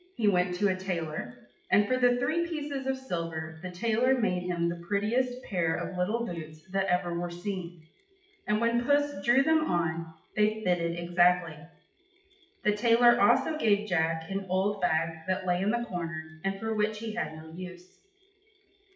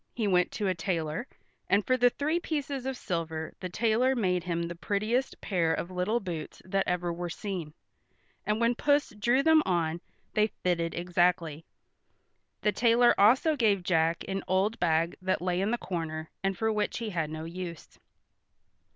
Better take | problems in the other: second | noise reduction (classical method WPE with log-MMSE)

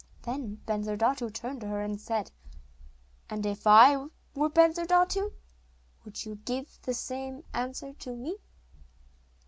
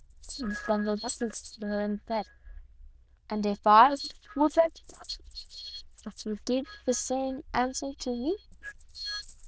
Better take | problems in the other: first | noise reduction (neural diffusion model UNIVERSE++)

